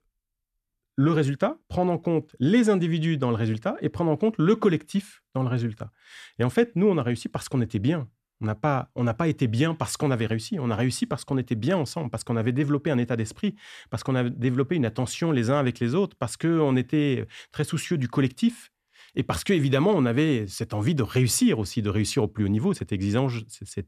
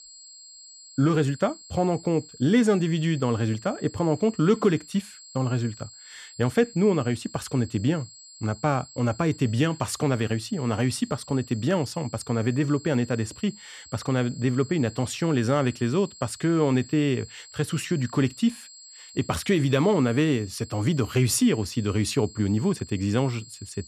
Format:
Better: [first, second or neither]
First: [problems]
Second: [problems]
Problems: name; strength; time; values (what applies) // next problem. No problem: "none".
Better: first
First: none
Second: high-pitched whine; noticeable; throughout; 7.5 kHz, 20 dB below the speech